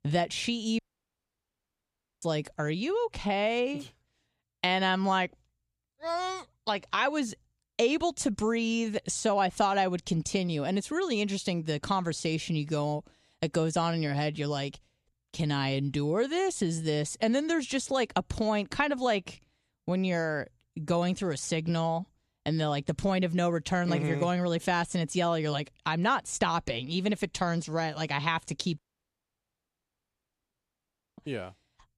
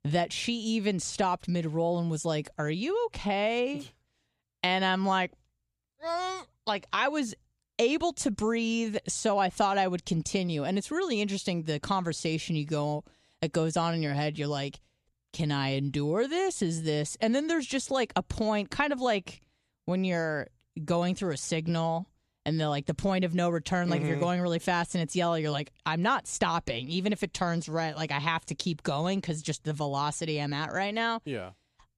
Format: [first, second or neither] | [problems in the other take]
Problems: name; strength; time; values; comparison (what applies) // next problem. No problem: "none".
second | audio cutting out; at 1 s for 1.5 s and at 29 s for 2.5 s